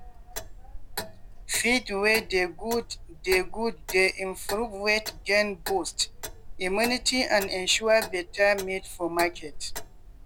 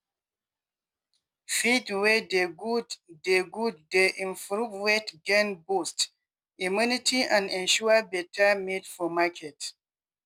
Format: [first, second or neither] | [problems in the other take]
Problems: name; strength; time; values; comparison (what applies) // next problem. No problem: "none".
second | background sound (Clock); 11 dB below the speech